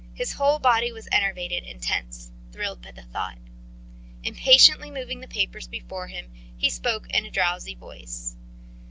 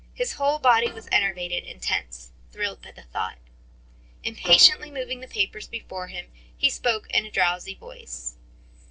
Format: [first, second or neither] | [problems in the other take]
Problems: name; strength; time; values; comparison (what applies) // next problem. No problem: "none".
first | noise reduction (neural separator model SepFormer DNS4)